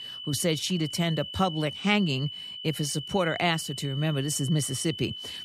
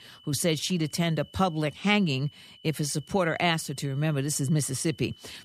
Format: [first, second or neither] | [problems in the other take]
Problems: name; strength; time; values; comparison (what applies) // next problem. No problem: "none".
second | high-pitched whine; loud; throughout; 3 kHz, 9 dB below the speech; faint in the second